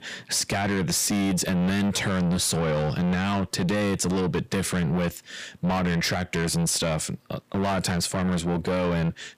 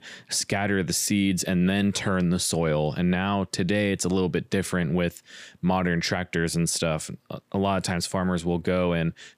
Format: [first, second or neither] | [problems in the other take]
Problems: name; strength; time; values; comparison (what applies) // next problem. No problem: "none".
second | distortion; heavy; 7 dB below the speech